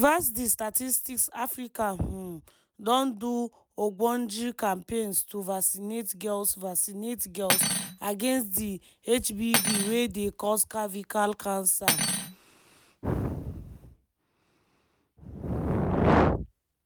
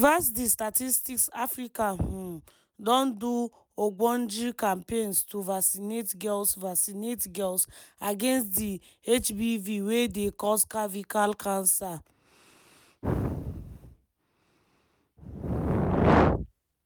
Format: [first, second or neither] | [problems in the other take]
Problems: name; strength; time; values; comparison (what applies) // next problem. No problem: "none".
second | background sound (Cutlery, silverware); 4 dB below the speech